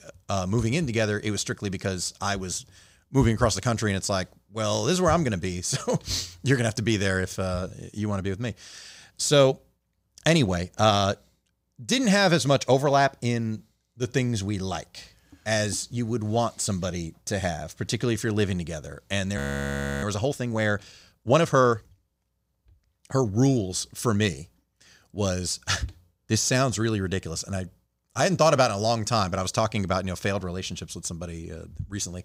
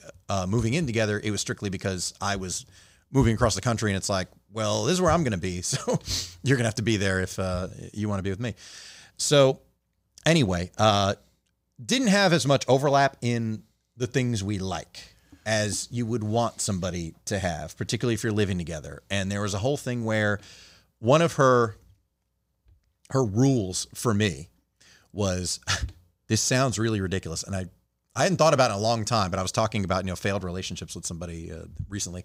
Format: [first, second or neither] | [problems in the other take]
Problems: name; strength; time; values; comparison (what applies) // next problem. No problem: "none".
second | audio freezing; at 19 s for 0.5 s